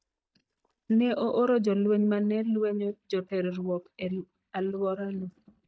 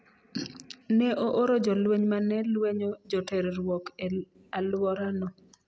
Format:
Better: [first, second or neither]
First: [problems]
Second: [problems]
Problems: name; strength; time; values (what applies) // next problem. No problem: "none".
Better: second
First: noise reduction (neural mask model DeepFilterNet 3)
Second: none